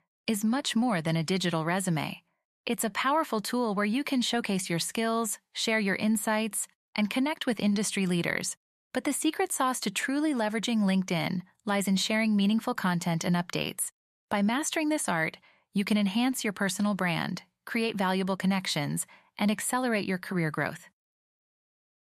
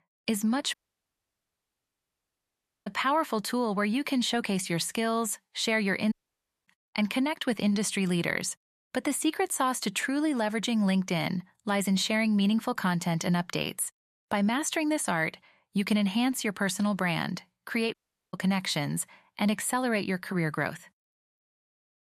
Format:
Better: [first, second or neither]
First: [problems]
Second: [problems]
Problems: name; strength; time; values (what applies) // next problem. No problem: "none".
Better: first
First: none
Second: audio cutting out; at 0.5 s for 2 s, at 6 s for 0.5 s and at 18 s